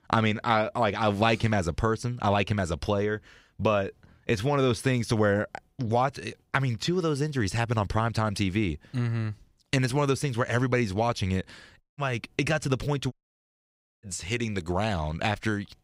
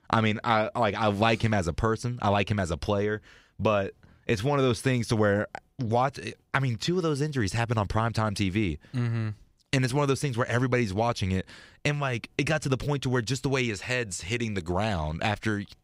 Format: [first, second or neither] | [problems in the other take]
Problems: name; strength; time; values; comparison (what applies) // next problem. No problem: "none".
second | audio cutting out; at 12 s and at 13 s for 1 s